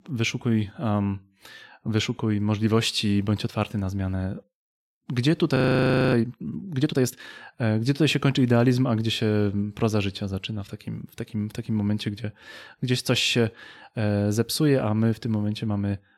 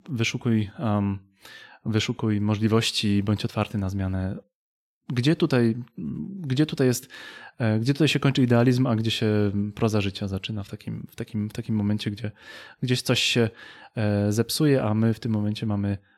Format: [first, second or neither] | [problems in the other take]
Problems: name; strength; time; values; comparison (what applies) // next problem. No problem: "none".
second | audio freezing; at 5.5 s for 0.5 s